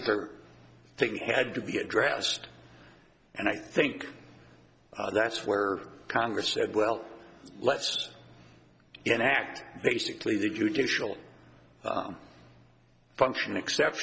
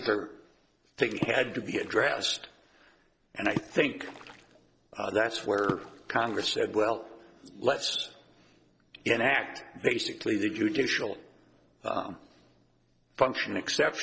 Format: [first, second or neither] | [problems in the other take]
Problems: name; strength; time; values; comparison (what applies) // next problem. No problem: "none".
first | noise reduction (neural separator model SepFormer DNS4)